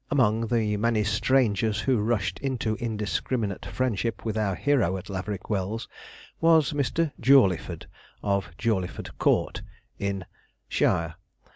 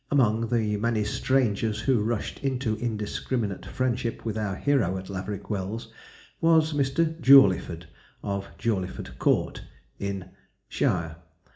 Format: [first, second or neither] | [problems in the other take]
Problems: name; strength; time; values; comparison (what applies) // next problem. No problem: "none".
first | room echo; dies away in 0.4 s